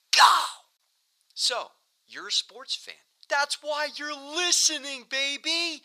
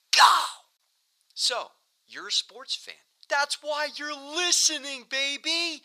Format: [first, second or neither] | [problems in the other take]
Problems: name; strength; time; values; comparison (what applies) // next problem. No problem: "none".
neither | thin; very; fading below 850 Hz; the same in both